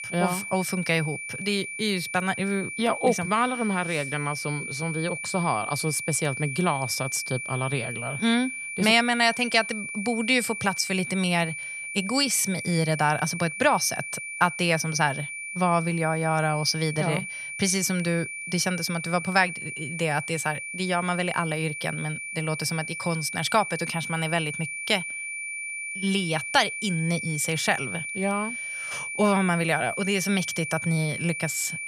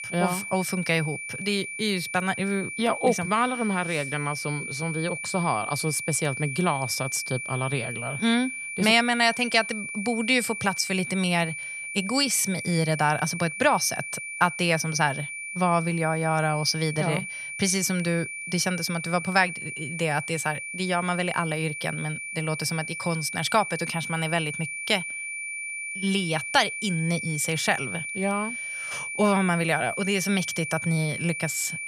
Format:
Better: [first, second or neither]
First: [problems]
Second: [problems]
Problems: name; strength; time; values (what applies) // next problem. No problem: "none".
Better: neither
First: high-pitched whine; loud; throughout; 2.5 kHz, 6 dB below the speech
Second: high-pitched whine; loud; throughout; 2.5 kHz, 6 dB below the speech